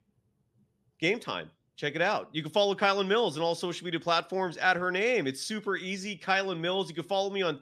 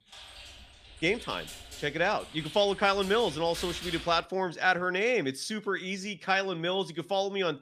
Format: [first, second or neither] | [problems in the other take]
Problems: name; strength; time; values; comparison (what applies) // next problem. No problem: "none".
first | keyboard typing; noticeable; until 4.5 s; peak 8 dB below the speech